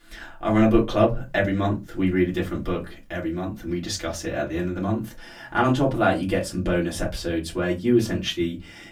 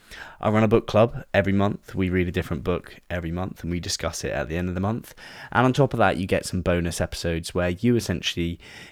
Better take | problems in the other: second | off-mic speech; far // room echo; very slight; dies away in 0.2 s

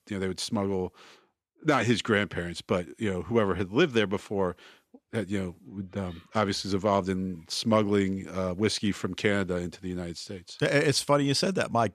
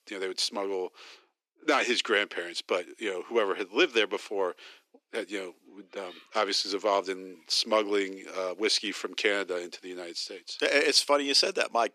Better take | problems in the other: first | thin; somewhat; fading below 300 Hz

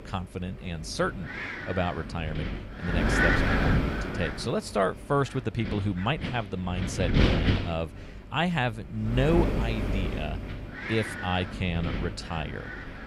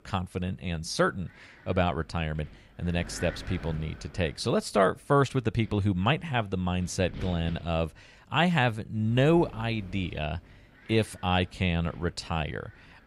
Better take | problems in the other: second | wind noise on the microphone; heavy; as loud as the speech; occasional gusts in the second

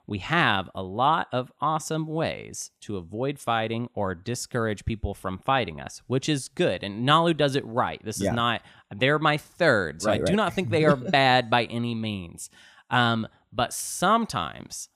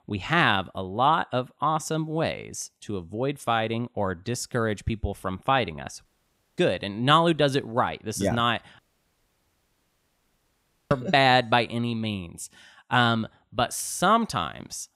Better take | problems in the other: first | audio cutting out; at 6 s for 0.5 s and at 9 s for 2 s

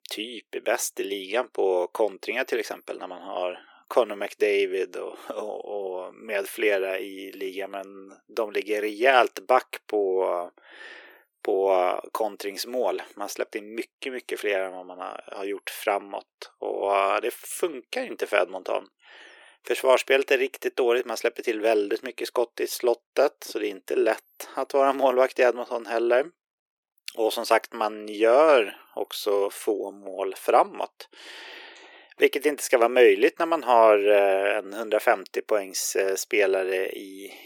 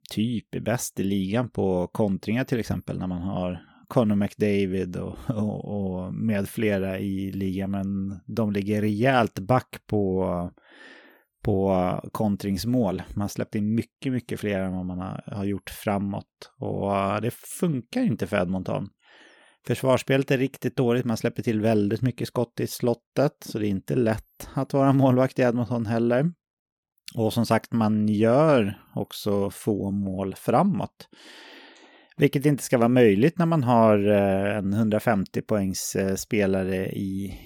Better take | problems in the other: second | thin; very; fading below 350 Hz

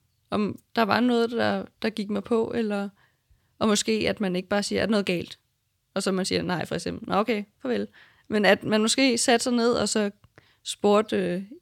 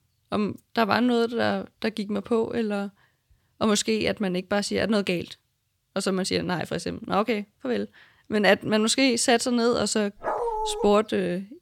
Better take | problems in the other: first | dog barking; noticeable; at 10 s; peak 3 dB below the speech

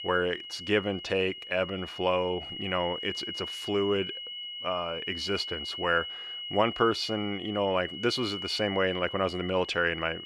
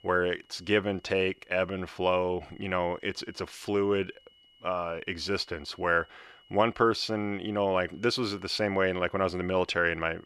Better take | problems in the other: second | high-pitched whine; loud; throughout; 3 kHz, 7 dB below the speech; faint in the second

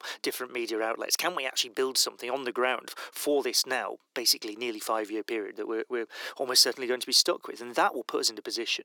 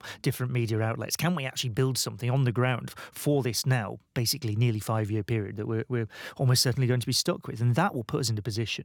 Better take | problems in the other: second | thin; very; fading below 300 Hz

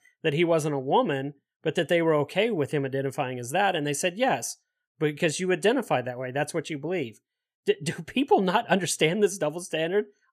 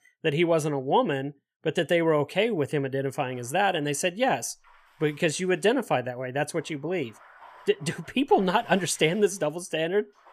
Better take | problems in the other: first | household noises; faint; from 3.5 s on; 25 dB below the speech

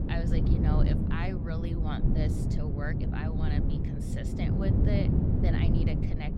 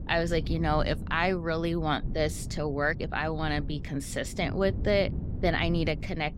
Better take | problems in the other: second | wind noise on the microphone; heavy; 2 dB above the speech; occasional gusts in the second

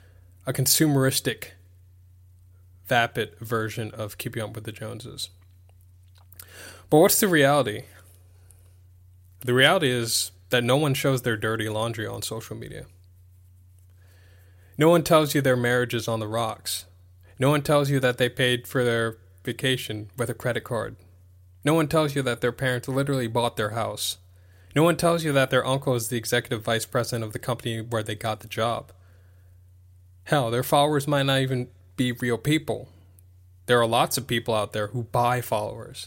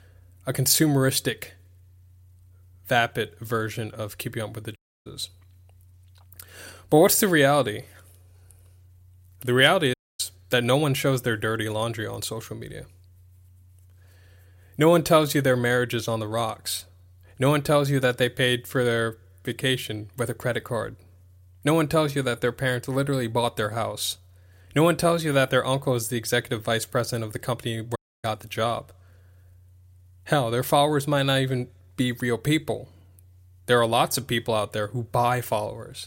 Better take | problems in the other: first | audio cutting out; at 5 s, at 10 s and at 28 s

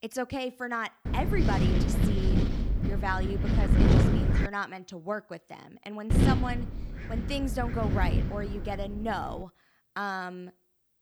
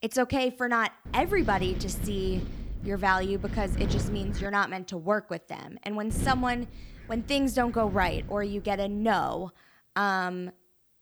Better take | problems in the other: second | wind noise on the microphone; heavy; from 1 to 4.5 s and from 6 to 9.5 s; 1 dB below the speech; occasional gusts in the second

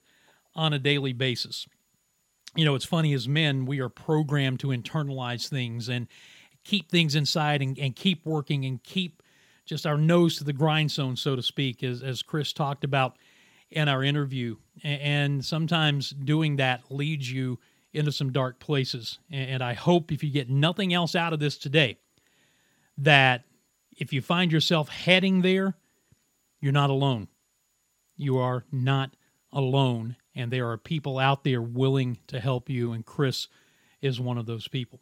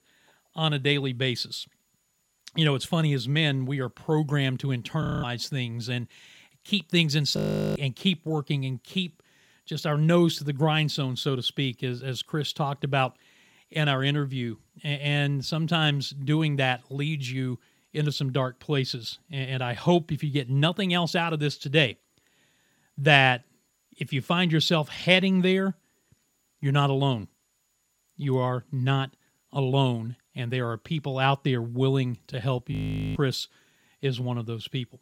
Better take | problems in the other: first | audio freezing; at 5 s, at 7.5 s and at 33 s

